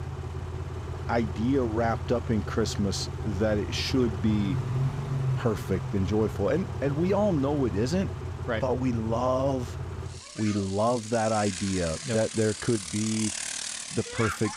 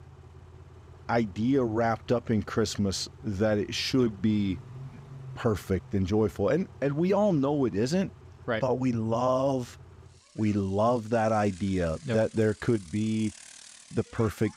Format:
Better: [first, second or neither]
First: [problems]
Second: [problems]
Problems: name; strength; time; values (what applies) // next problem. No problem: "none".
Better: second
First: traffic noise; loud; throughout; 6 dB below the speech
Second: traffic noise; faint; throughout; 20 dB below the speech